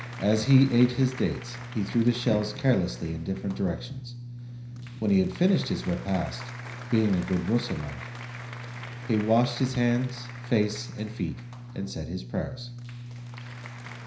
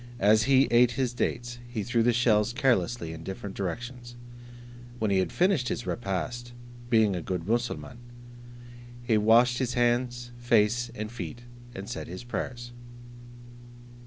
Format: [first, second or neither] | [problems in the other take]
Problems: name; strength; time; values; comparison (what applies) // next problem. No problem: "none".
second | background sound (Applause); 18 dB below the speech // room echo; dies away in 0.5 s